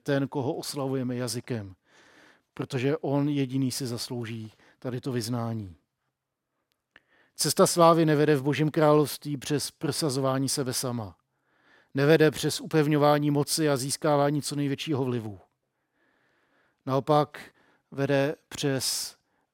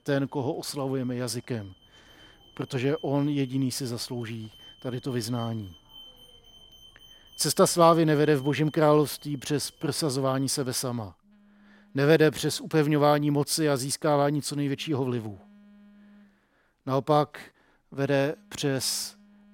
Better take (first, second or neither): first